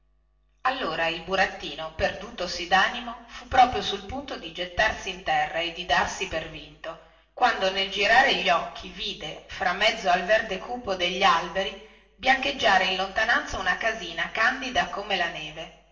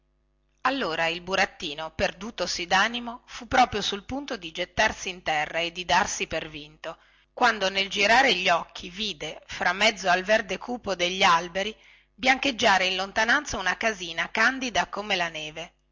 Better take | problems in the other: second | room echo; dies away in 0.8 s

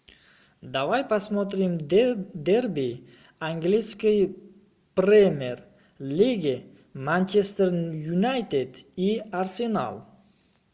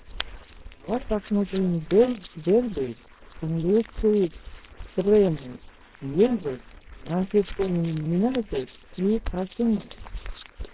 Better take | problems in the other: first | noise reduction (neural separator model SepFormer WHAMR!)

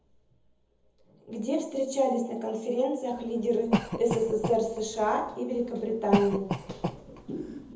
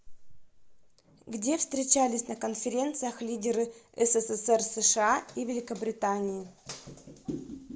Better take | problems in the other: second | background sound (Cough); 4 dB below the speech // room echo; dies away in 0.6 s

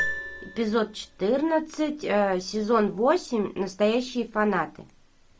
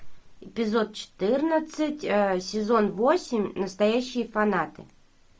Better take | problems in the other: second | background sound (Piano); 15 dB below the speech

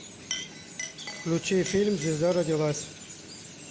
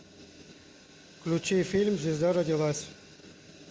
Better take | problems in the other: second | background sound (Chink, clink + Chirp, tweet); 11 dB below the speech

